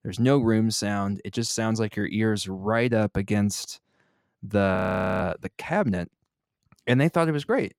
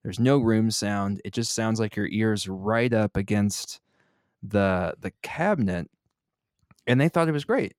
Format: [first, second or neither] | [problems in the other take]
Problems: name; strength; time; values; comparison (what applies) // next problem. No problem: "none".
second | audio freezing; at 5 s